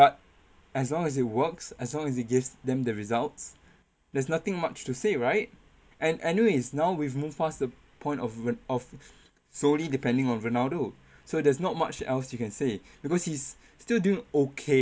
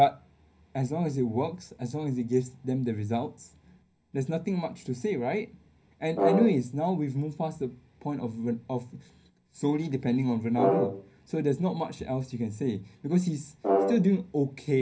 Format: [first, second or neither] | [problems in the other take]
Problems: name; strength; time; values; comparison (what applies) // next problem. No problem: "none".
first | background sound (Brass instrument); as loud as the speech // room echo; dies away in 0.5 s